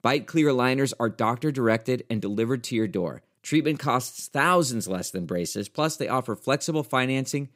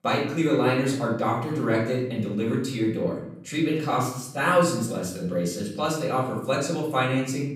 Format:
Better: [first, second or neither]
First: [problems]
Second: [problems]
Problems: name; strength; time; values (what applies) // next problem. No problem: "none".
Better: first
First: none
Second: off-mic speech; far // room echo; noticeable; dies away in 0.7 s